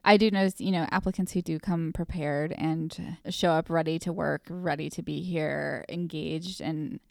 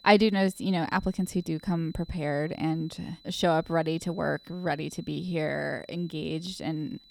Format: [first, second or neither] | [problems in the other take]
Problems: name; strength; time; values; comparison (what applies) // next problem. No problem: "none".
first | high-pitched whine; faint; throughout; 4 kHz, 25 dB below the speech